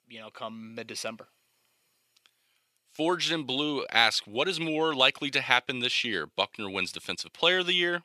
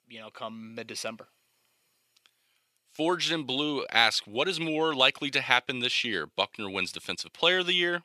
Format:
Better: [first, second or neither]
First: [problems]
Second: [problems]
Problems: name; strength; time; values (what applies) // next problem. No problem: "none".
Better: neither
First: thin; somewhat; fading below 400 Hz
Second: thin; somewhat; fading below 400 Hz